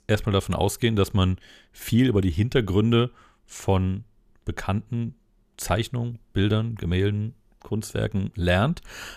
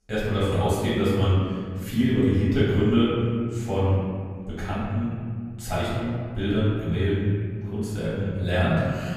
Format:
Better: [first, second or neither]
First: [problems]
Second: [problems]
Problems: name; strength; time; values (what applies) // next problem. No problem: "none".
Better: first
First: none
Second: off-mic speech; far // room echo; strong; dies away in 2 s